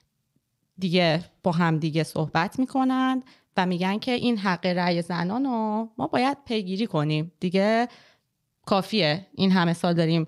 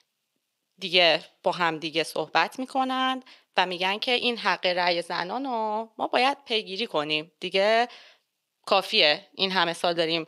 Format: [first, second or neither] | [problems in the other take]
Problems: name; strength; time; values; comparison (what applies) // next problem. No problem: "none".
first | thin; somewhat; fading below 500 Hz